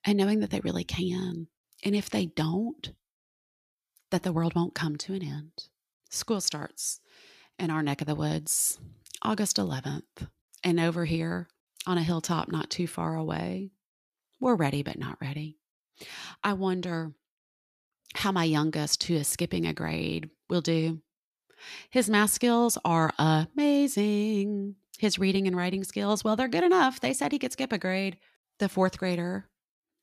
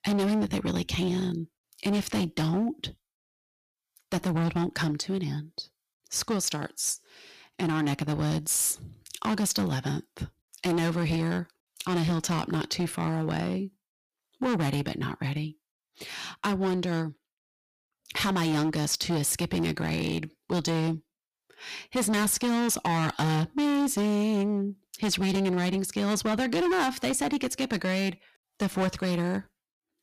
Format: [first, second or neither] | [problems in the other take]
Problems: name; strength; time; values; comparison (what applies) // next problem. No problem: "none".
first | distortion; heavy; 15% of the sound clipped